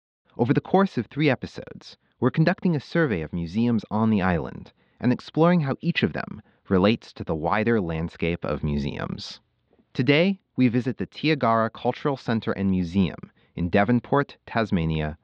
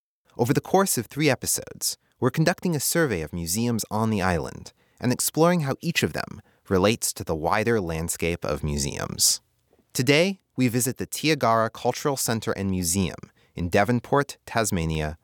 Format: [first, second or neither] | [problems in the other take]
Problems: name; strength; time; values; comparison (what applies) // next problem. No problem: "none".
second | muffled; very; fading above 4 kHz